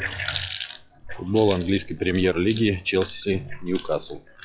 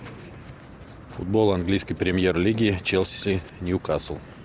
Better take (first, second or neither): second